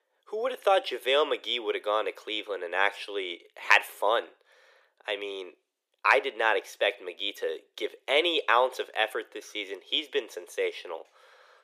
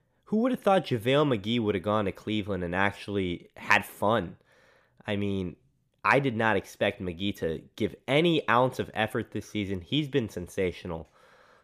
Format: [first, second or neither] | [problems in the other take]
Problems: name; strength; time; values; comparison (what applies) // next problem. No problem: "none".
second | thin; very; fading below 400 Hz